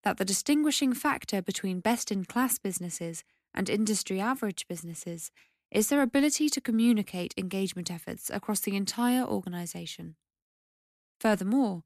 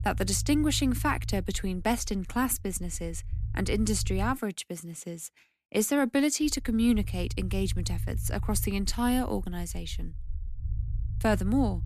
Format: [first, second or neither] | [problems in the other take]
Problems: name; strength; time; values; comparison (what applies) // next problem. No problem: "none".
first | low rumble; faint; until 4.5 s and from 6.5 s on; 20 dB below the speech